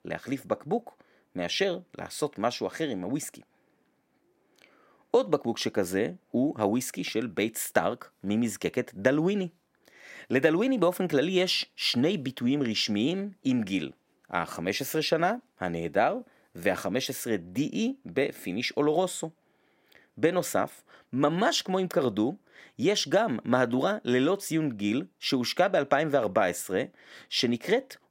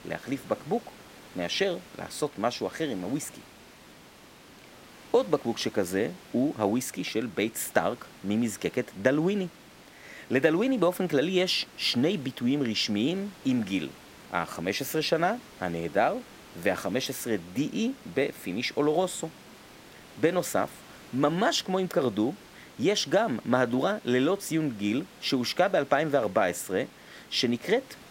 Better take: first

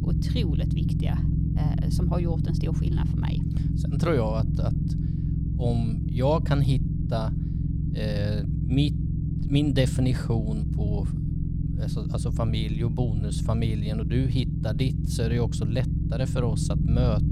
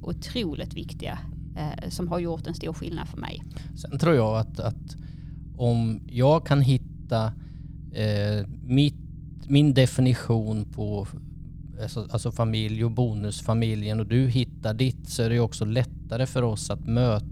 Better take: second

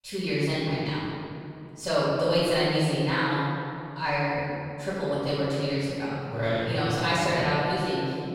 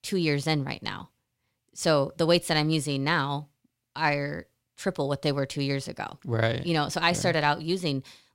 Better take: second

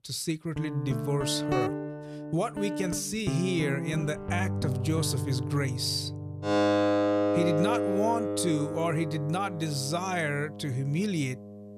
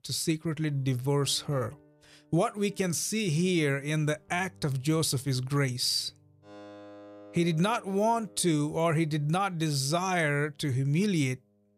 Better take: second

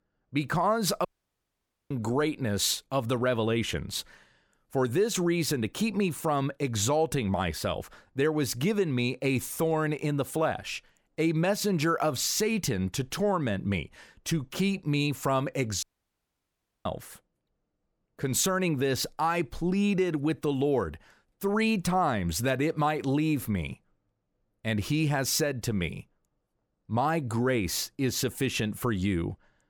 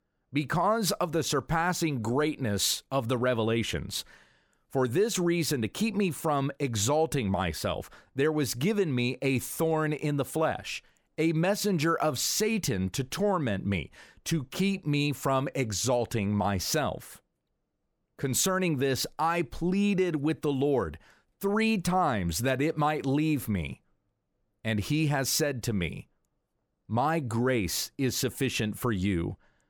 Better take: second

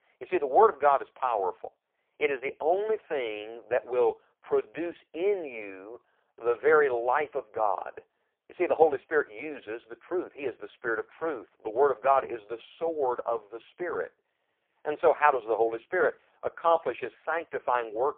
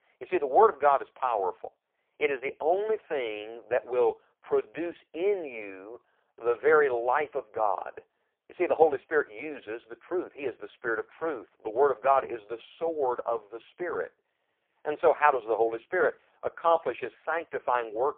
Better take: neither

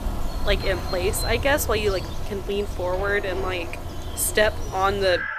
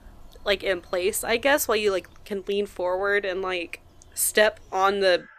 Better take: second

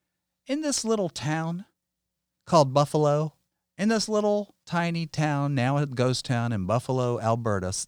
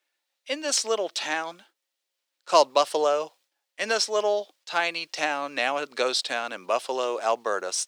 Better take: first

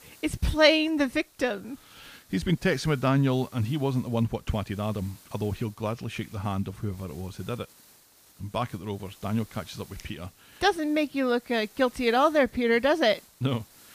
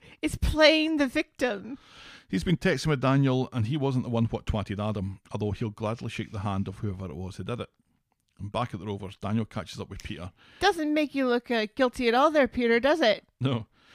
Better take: second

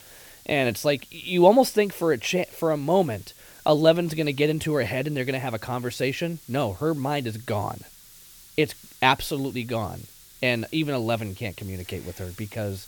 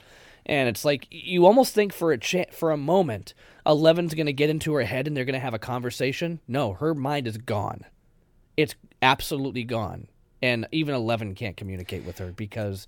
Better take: second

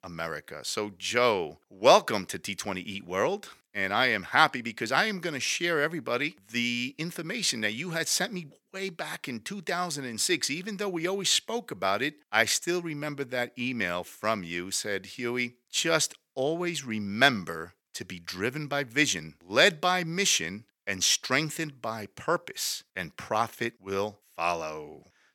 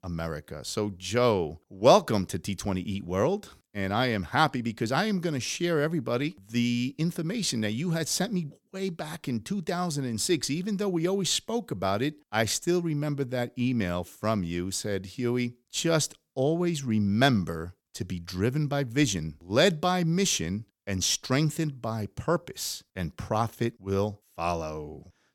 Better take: second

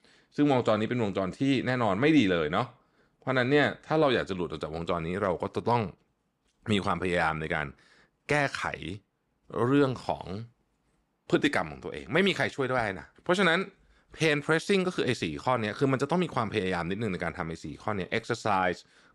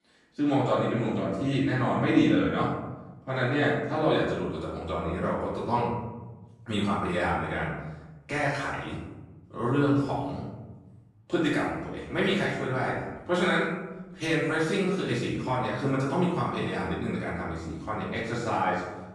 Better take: first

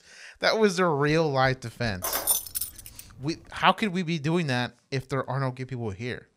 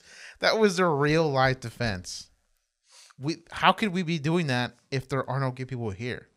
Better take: second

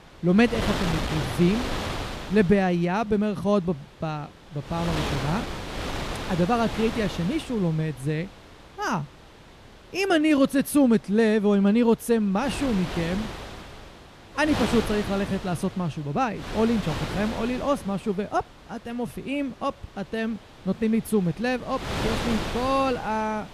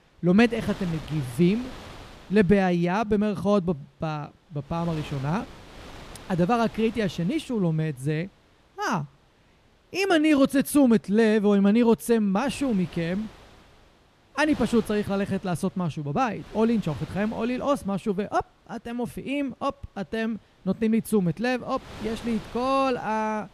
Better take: second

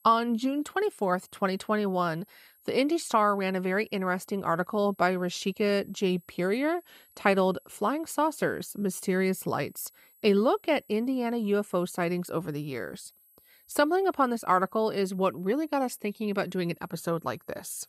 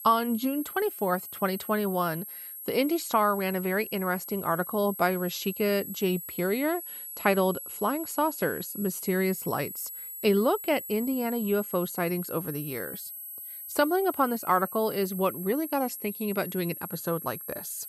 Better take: first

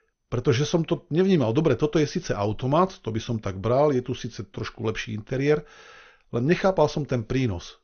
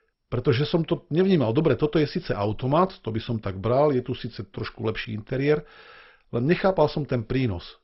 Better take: first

